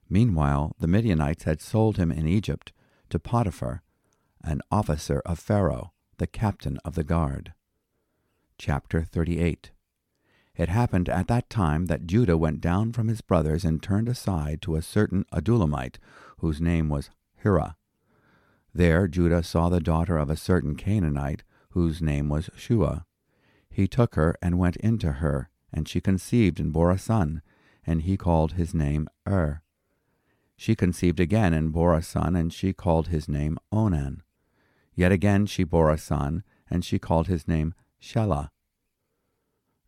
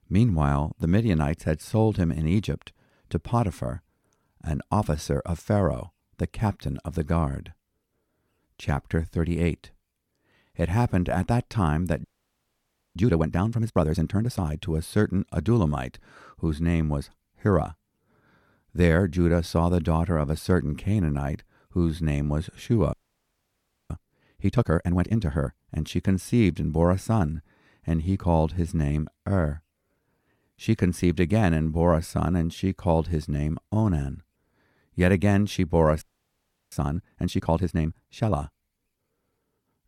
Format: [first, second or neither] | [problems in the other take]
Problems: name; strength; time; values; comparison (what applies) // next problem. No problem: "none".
first | audio freezing; at 12 s for 1 s, at 23 s for 1 s and at 36 s for 0.5 s